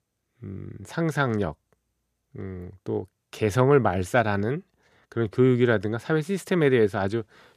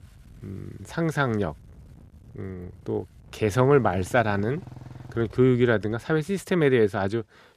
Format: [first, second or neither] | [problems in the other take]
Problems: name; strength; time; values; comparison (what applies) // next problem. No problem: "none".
first | traffic noise; faint; throughout; 25 dB below the speech